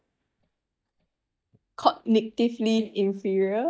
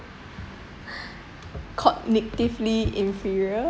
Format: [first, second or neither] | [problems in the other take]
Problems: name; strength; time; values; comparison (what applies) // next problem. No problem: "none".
second | noise reduction (neural mask model DeepFilterNet 3)